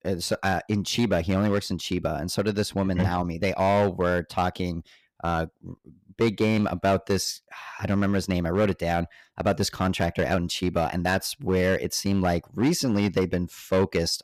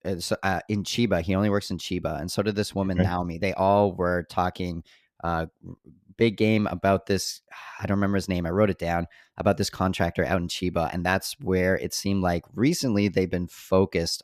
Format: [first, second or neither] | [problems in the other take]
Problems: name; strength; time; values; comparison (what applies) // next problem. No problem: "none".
second | distortion; slight; 5% of the sound clipped